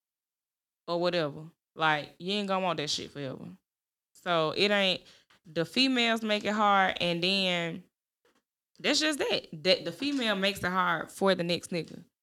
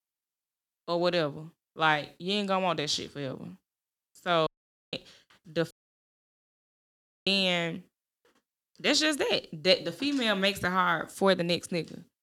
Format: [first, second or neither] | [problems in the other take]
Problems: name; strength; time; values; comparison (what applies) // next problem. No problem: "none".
first | audio cutting out; at 4.5 s and at 5.5 s for 1.5 s